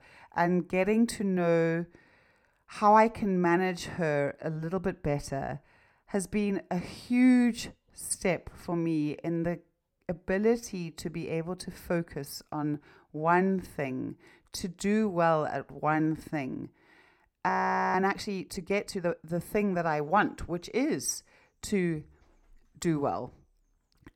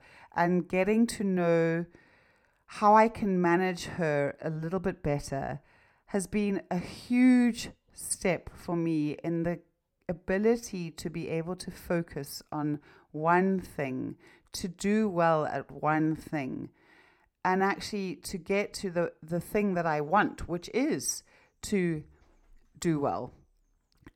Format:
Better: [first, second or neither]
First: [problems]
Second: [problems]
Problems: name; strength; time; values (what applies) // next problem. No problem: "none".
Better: second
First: audio freezing; at 17 s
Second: none